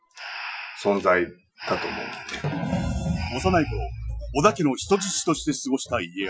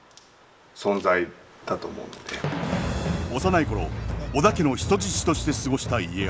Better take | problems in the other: second | noise reduction (classical method Wiener filter)

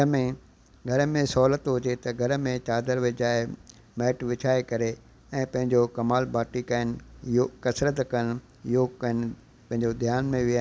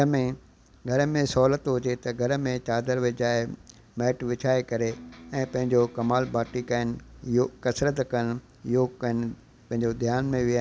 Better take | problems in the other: first | background sound (Electric guitar); 20 dB below the speech

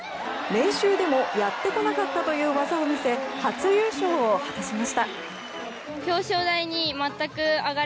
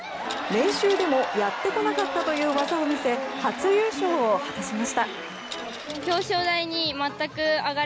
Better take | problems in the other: first | background sound (Coin (dropping)); 16 dB below the speech

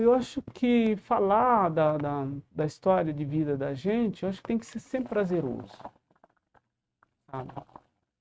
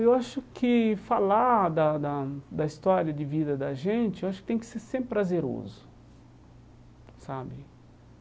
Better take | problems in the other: second | noise reduction (neural mask model RNNoise)

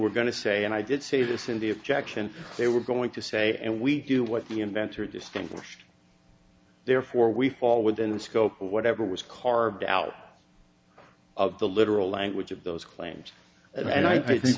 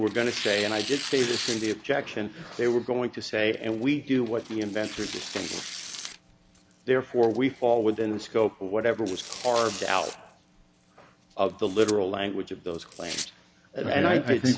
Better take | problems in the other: first | background sound (Tearing); 13 dB below the speech

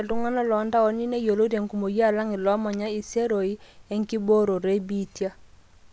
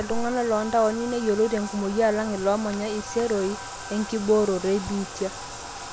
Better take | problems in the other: first | background sound (Bathtub (filling or washing)); 12 dB below the speech

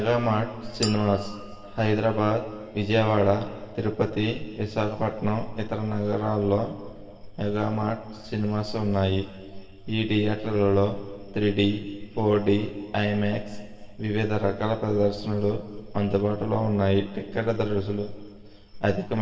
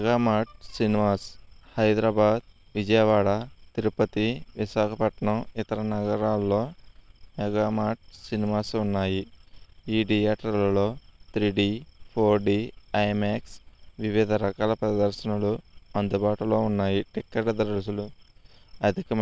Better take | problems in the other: second | background sound (Chink, clink); 15 dB below the speech // room echo; dies away in 2.3 s

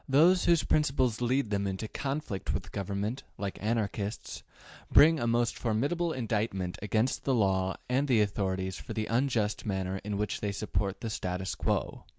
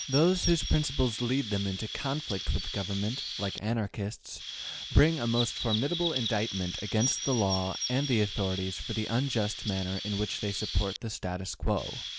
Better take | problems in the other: first | background sound (Chirp, tweet); 8 dB below the speech

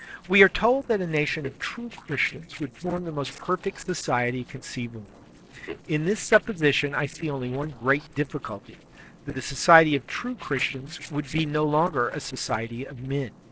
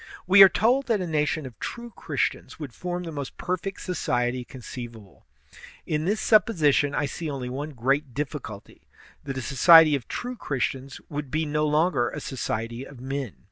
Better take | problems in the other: second | noise reduction (neural separator model SepFormer DNS4)

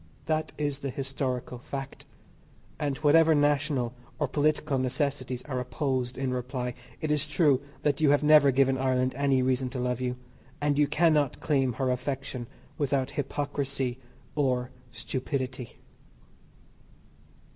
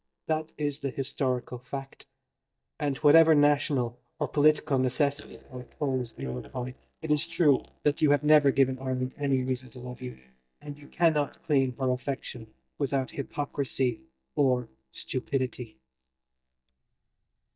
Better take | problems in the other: first | noise reduction (neural mask model DeepFilterNet 3)

